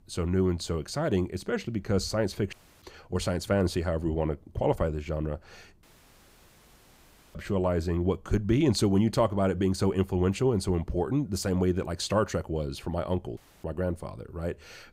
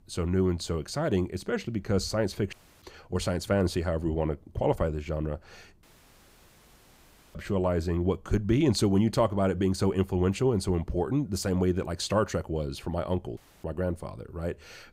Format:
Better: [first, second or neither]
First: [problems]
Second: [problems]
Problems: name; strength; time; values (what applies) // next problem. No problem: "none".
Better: neither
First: audio cutting out; at 2.5 s, at 6 s for 1.5 s and at 13 s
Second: audio cutting out; at 2.5 s, at 6 s for 1.5 s and at 13 s